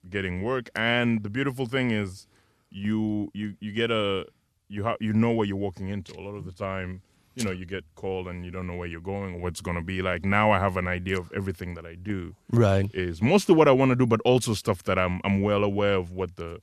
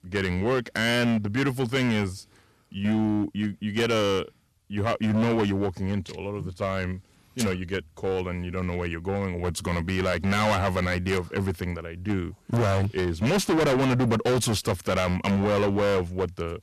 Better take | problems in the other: first | distortion; heavy; 16% of the sound clipped

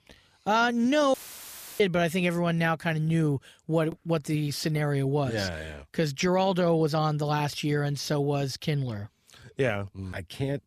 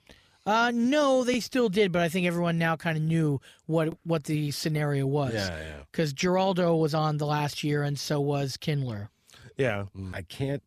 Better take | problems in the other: second | audio cutting out; filled with static; at 1 s for 0.5 s

